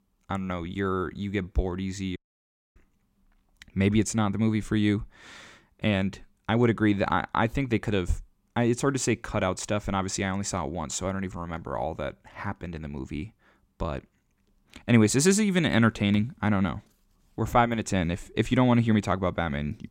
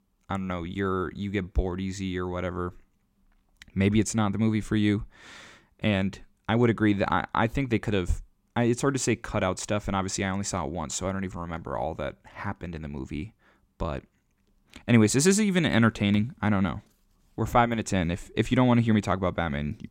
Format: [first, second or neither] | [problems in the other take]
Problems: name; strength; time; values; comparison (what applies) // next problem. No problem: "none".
second | audio cutting out; at 2 s for 0.5 s